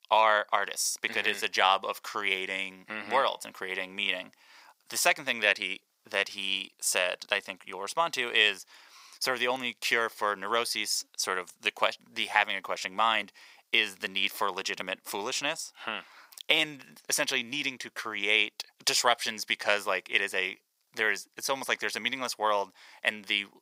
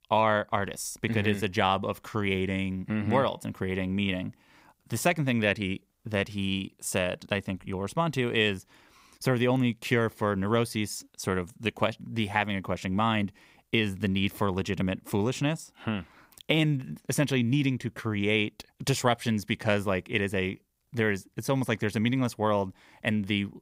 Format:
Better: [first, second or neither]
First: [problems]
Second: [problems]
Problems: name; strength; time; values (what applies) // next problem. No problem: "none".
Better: second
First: thin; very; fading below 750 Hz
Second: none